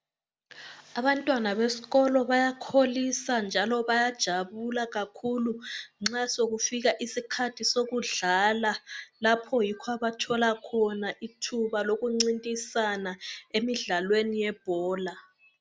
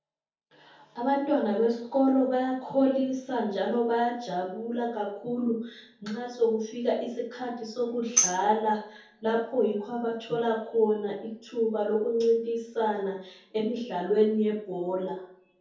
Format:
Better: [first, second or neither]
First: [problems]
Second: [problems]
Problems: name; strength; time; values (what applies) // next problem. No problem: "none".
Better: first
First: none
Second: background sound (Tambourine); 3 dB below the speech // room echo; dies away in 0.6 s